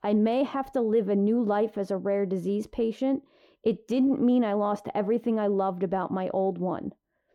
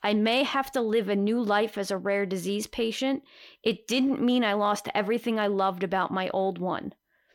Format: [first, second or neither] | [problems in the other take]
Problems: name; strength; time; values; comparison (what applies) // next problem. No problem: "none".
second | muffled; slightly; fading above 1 kHz